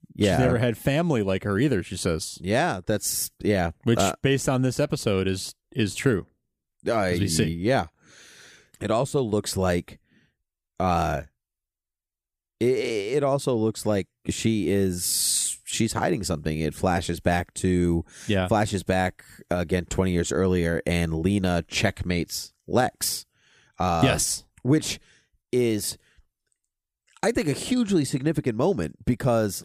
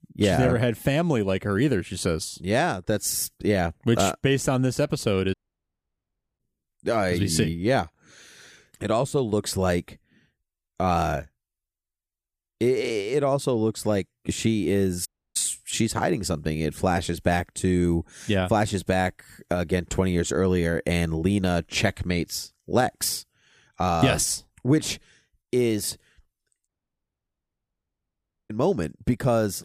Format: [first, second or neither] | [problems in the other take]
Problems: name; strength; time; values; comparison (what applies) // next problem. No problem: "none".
first | audio cutting out; at 5.5 s for 1 s, at 15 s and at 27 s for 2 s